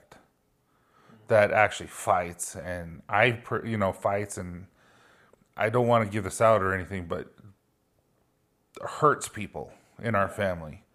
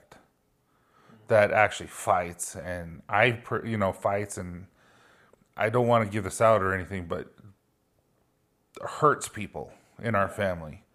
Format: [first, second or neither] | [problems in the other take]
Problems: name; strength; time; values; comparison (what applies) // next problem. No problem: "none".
neither | none